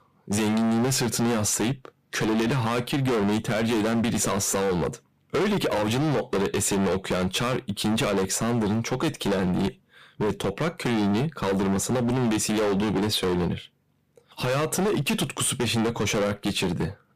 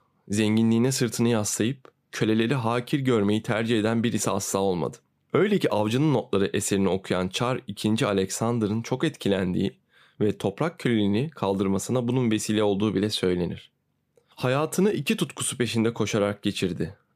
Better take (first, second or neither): second